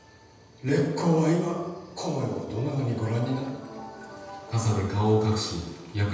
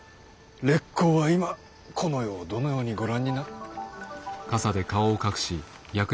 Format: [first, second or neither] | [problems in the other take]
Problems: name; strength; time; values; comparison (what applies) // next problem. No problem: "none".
second | room echo; dies away in 1.1 s